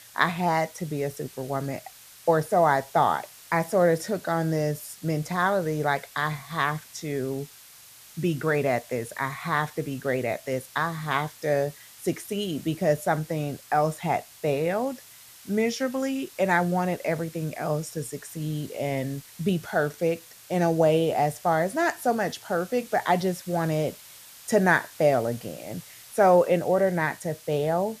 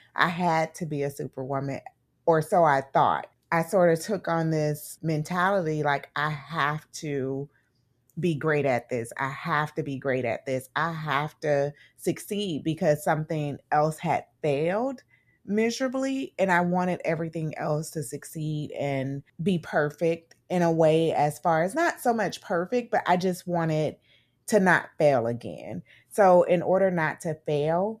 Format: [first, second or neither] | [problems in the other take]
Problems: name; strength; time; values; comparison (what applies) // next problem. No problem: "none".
second | hiss; noticeable; throughout; 20 dB below the speech